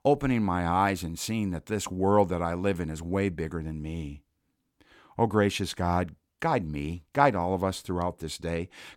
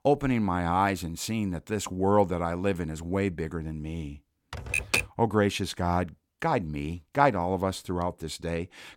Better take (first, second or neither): first